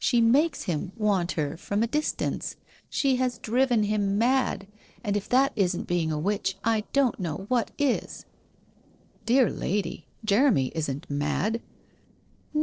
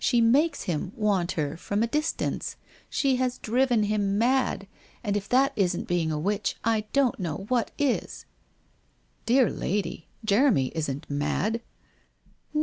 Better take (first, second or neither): second